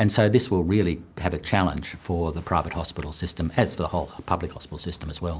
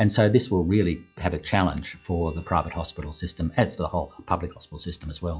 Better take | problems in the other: first | noise reduction (classical method log-MMSE)

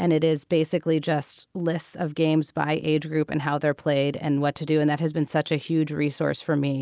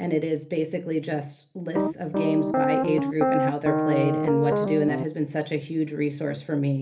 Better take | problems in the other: first | background sound (Piano); 2 dB above the speech // room echo; dies away in 0.3 s

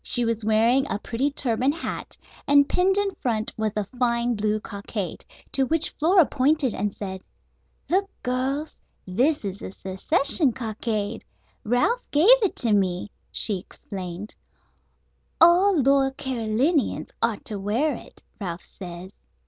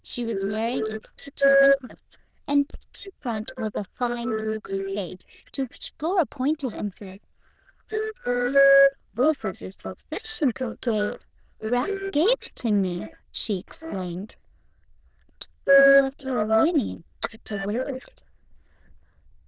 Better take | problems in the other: first | noise reduction (neural diffusion model UNIVERSE++)

